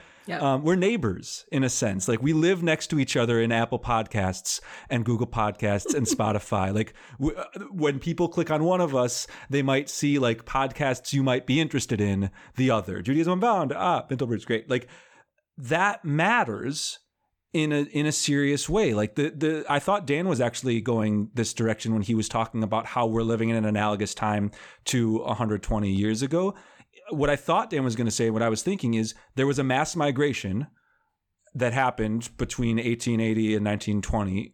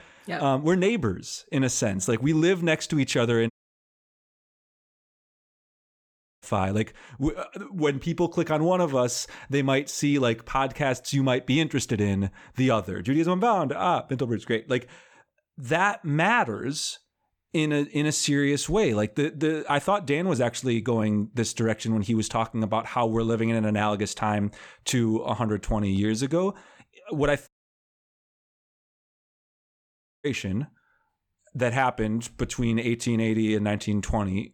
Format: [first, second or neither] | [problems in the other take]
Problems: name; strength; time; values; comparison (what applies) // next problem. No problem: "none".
first | audio cutting out; at 3.5 s for 3 s and at 27 s for 3 s